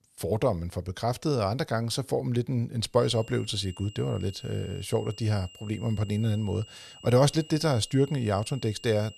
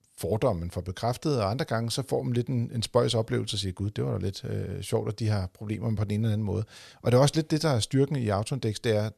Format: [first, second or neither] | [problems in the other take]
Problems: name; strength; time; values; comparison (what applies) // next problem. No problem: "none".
second | high-pitched whine; noticeable; from 3 s on; 3 kHz, 20 dB below the speech